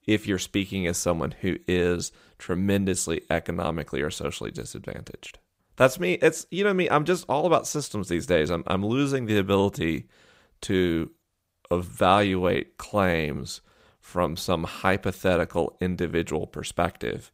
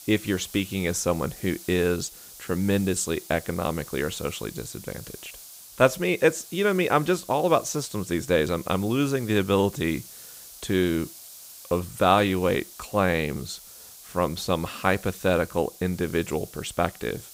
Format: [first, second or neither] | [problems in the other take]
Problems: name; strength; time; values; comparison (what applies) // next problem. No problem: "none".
first | hiss; noticeable; throughout; 15 dB below the speech